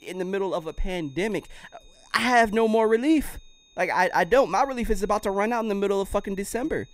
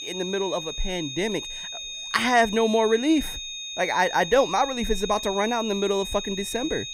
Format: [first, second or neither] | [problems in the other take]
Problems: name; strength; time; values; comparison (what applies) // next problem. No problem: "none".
first | high-pitched whine; loud; throughout; 3.5 kHz, 8 dB below the speech; faint in the first